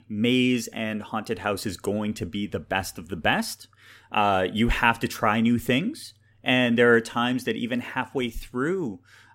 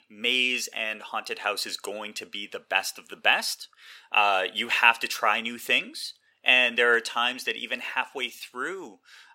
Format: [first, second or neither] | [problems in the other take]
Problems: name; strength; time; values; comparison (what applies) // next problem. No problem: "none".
first | thin; very; fading below 650 Hz